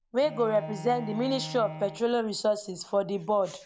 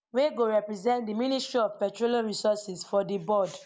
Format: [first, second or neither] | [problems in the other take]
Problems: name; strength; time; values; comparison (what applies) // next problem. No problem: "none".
second | background sound (Bowed string instrument); 15 dB below the speech